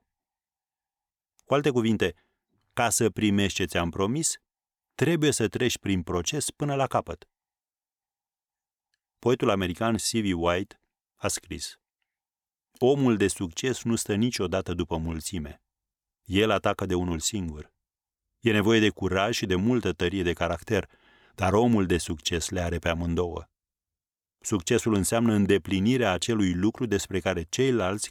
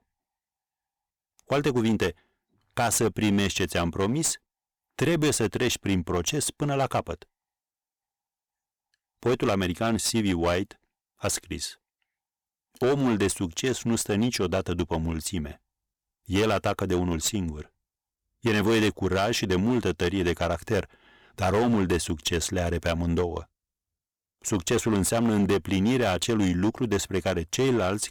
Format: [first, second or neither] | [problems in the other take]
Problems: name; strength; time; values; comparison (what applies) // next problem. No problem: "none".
first | distortion; slight; 10% of the sound clipped